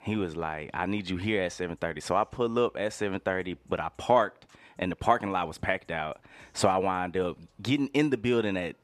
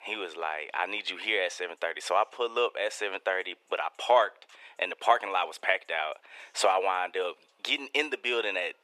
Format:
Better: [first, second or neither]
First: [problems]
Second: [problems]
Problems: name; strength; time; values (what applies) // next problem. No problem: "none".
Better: first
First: none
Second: thin; very; fading below 450 Hz